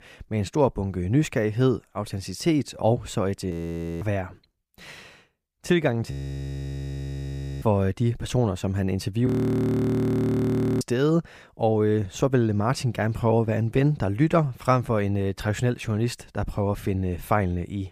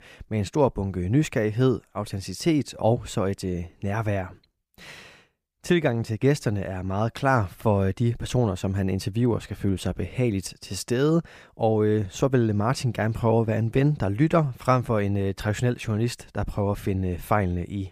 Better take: second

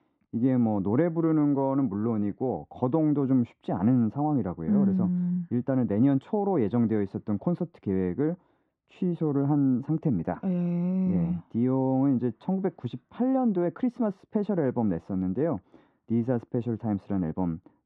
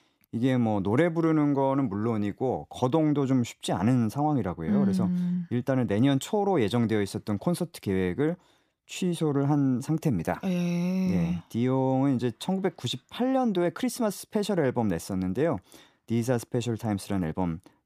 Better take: second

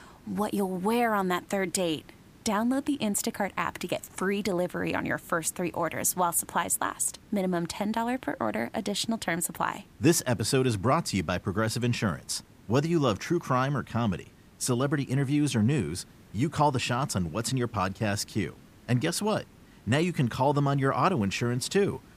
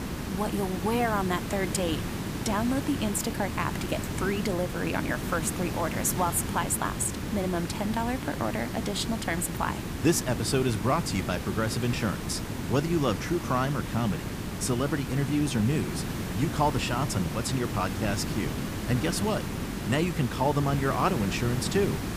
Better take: first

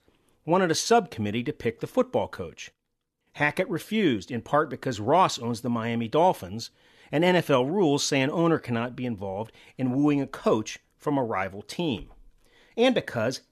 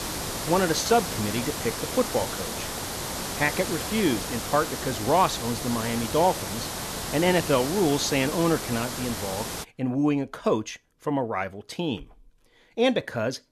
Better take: first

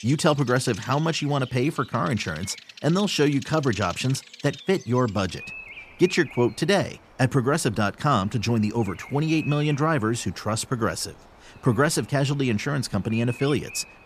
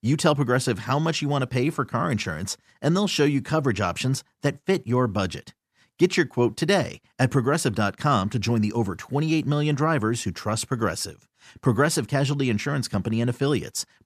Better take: second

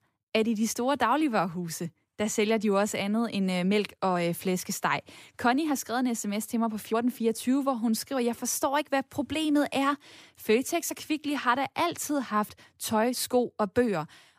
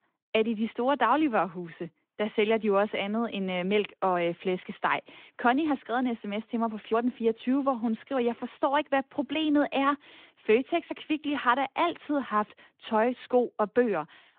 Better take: first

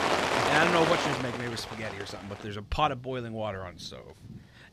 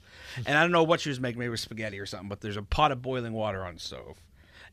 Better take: second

